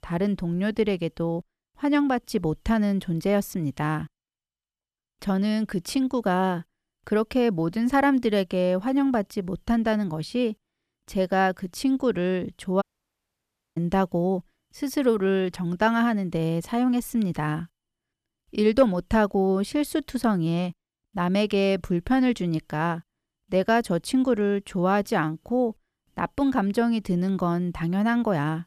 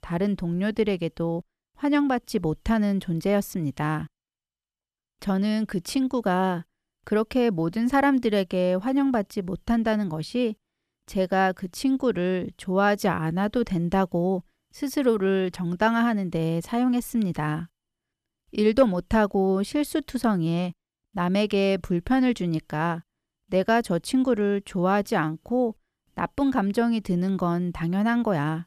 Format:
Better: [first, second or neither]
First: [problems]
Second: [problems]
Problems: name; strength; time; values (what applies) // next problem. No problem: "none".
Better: second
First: audio cutting out; at 13 s for 1 s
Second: none